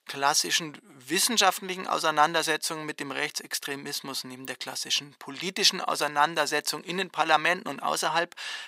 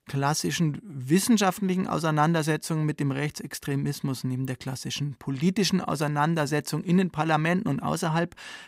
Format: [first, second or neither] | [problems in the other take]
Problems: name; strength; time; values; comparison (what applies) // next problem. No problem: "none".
second | thin; very; fading below 600 Hz